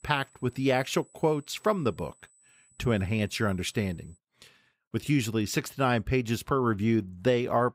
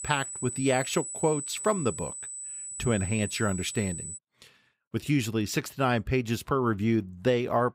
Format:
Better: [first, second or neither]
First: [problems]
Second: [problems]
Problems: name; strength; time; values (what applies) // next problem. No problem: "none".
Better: first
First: high-pitched whine; faint; until 4 s; 8 kHz, 30 dB below the speech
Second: high-pitched whine; loud; until 4 s; 8 kHz, 7 dB below the speech